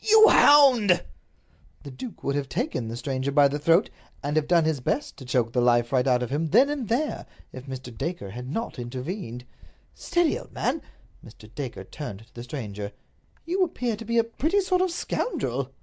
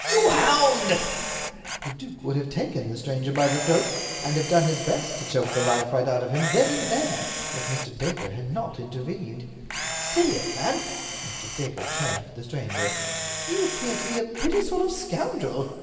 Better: first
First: none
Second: background sound (Camera); 6 dB below the speech // room echo; dies away in 2.4 s

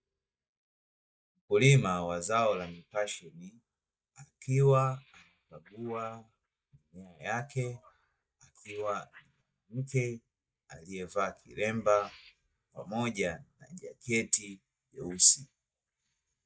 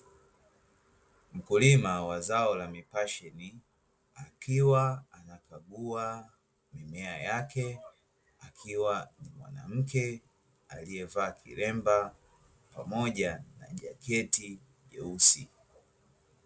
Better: second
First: noise reduction (neural mask model DeepFilterNet 3)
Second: none

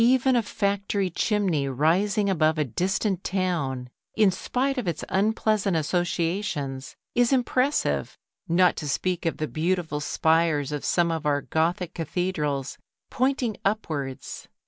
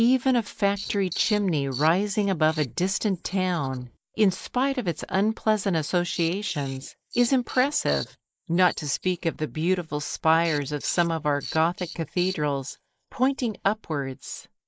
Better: first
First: none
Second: noise reduction (neural mask model Resemble Enhance denoiser)

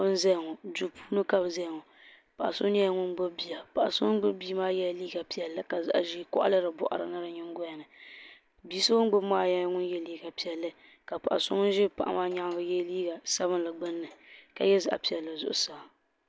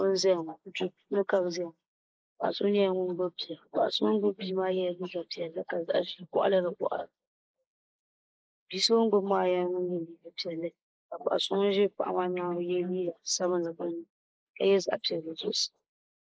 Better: first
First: none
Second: noise reduction (neural mask model Resemble Enhance denoiser)

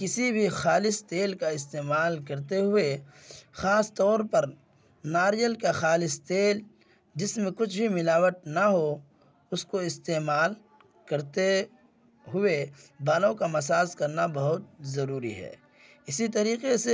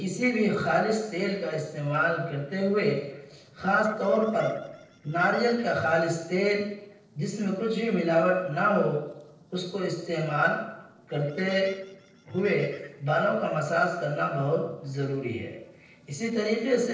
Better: first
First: none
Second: noise reduction (neural separator model SepFormer DNS4)

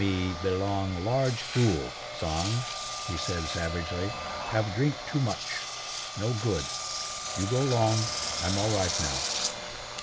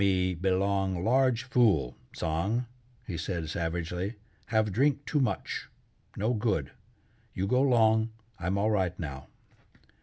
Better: second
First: background sound (Engine); 5 dB below the speech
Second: none

